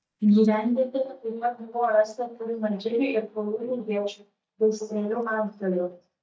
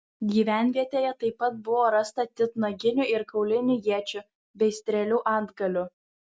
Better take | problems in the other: second | noise reduction (neural mask model DeepFilterNet 3)

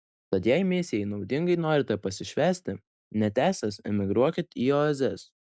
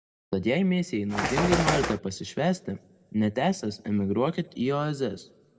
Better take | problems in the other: first | background sound (Bird); 1 dB above the speech // room echo; dies away in 0.6 s

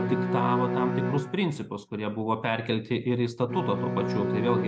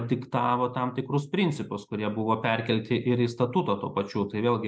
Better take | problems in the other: second | background sound (Bowed string instrument); 2 dB below the speech

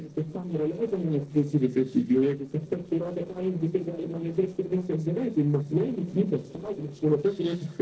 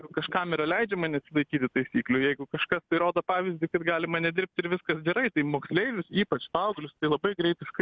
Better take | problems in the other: second | noise reduction (neural separator model SepFormer DNS4)

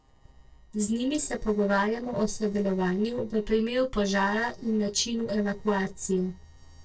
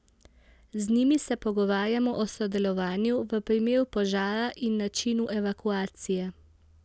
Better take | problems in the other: second | noise reduction (neural separator model SepFormer DNS4)

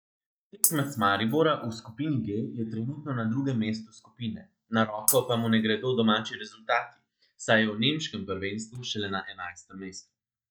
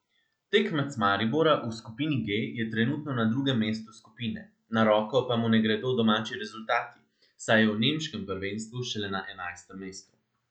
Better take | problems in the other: second | noise reduction (neural mask model DeepFilterNet 3)

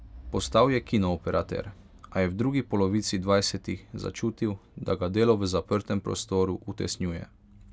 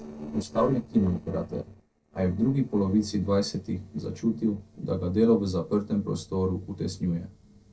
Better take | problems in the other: first | noise reduction (neural separator model SepFormer DNS4)

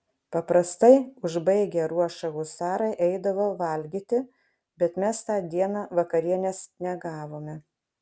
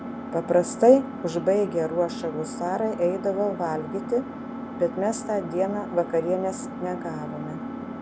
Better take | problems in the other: first | background sound (Engine); 9 dB below the speech

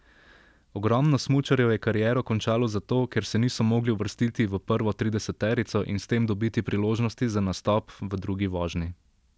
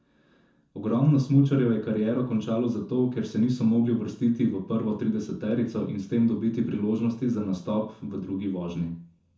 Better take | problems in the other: first | room echo; dies away in 0.6 s

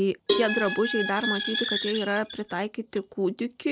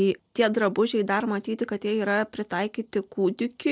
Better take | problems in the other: second | background sound (Cowbell + Squeak); 3 dB below the speech

